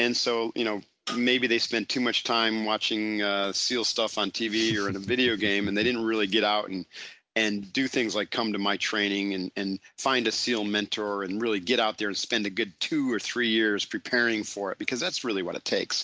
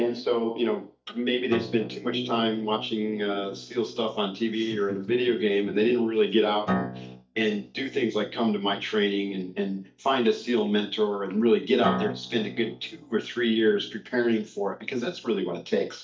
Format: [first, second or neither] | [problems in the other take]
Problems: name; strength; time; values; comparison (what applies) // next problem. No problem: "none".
first | noise reduction (neural mask model DeepFilterNet 3)